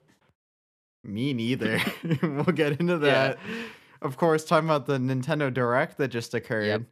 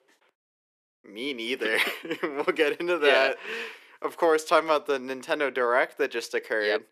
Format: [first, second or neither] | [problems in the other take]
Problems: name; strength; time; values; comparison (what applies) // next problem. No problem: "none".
first | thin; somewhat; fading below 350 Hz